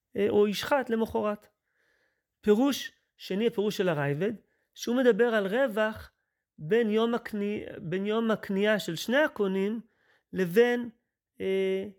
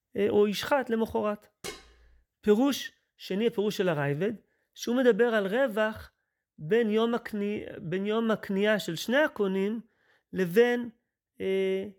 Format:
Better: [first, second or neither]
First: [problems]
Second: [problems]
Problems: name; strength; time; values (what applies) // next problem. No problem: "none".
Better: first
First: none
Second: clattering dishes; faint; at 1.5 s; peak 15 dB below the speech